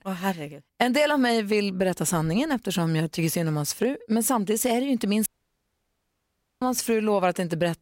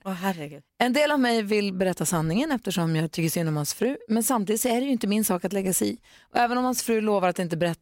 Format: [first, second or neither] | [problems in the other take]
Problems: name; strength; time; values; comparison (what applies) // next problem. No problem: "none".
second | audio cutting out; at 5.5 s for 1.5 s